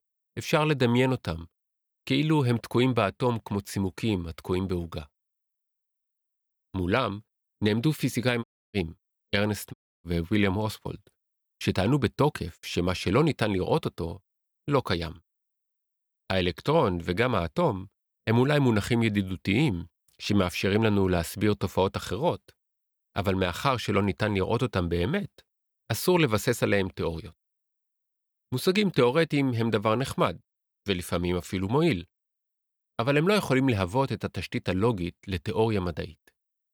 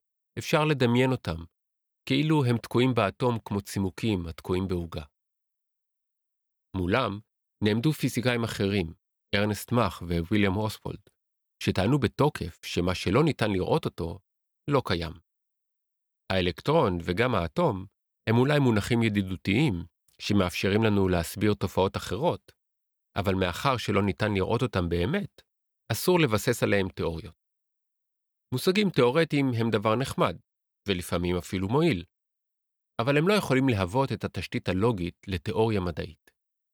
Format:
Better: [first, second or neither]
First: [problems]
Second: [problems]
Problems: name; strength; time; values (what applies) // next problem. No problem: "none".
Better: second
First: audio cutting out; at 8.5 s and at 9.5 s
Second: none